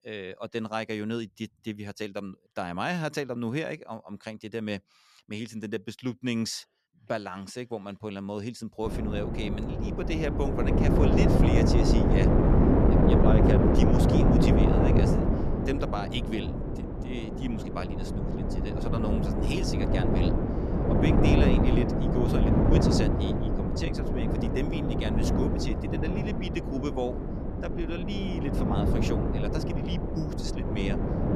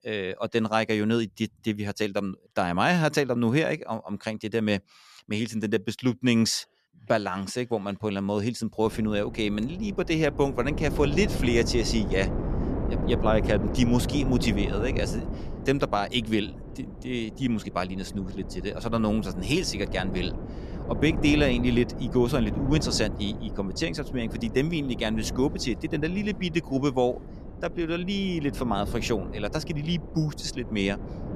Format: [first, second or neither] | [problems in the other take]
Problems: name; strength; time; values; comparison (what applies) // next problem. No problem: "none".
second | wind noise on the microphone; heavy; from 9 s on; 4 dB above the speech; occasional gusts in the second